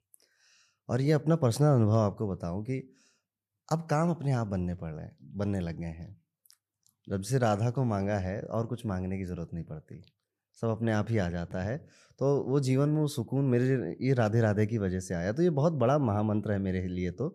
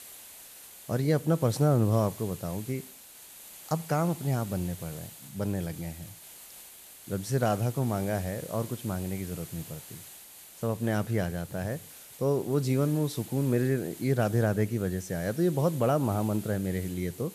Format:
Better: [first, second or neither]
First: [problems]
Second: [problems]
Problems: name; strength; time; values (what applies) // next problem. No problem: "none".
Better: first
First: none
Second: hiss; noticeable; throughout; 15 dB below the speech